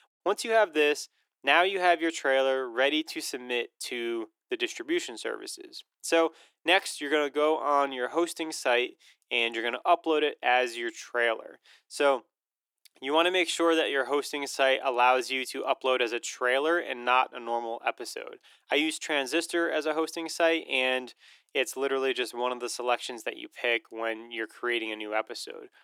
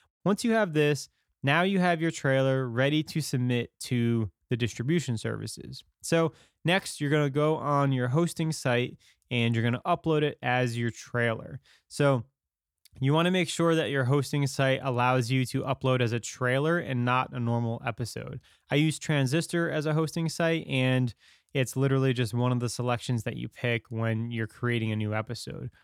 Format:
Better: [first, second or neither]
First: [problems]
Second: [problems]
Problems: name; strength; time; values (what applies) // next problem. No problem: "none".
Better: second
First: thin; very; fading below 350 Hz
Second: none